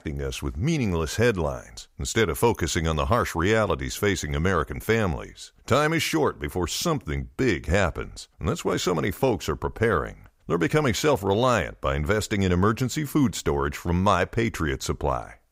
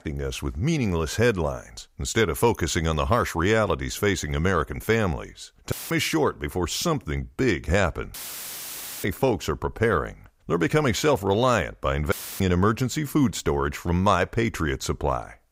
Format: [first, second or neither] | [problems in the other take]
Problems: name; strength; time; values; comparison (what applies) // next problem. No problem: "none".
first | audio cutting out; filled with static; at 5.5 s, at 8 s for 1 s and at 12 s